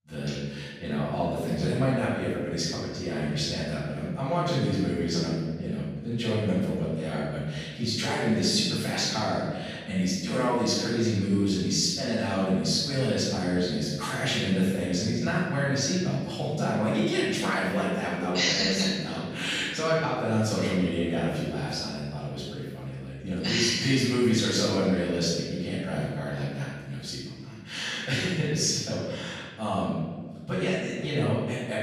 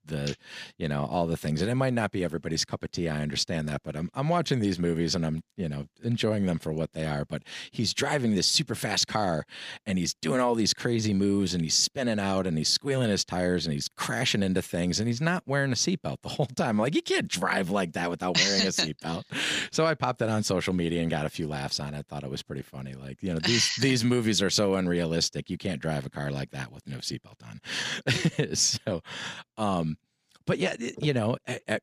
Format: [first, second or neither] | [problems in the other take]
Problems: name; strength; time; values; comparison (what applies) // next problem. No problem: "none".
second | off-mic speech; far // room echo; strong; dies away in 1.3 s